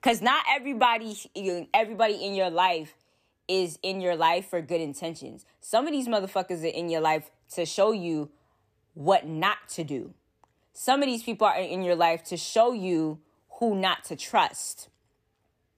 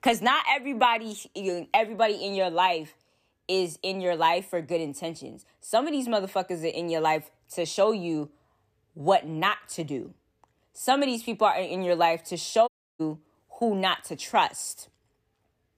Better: first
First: none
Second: audio cutting out; at 13 s

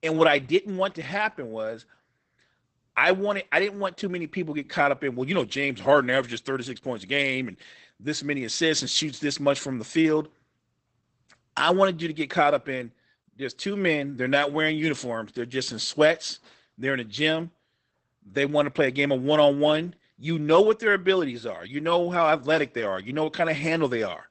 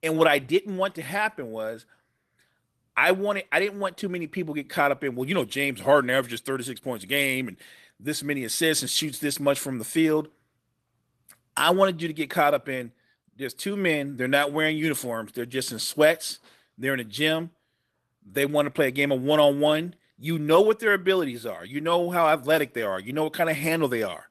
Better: second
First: garbled, watery; badly; nothing above 8 kHz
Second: garbled, watery; slightly; nothing above 13.5 kHz

